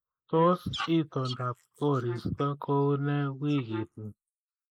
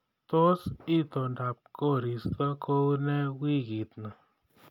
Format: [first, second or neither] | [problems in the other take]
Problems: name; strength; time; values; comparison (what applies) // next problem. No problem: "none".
second | noise reduction (neural mask model Resemble Enhance denoiser)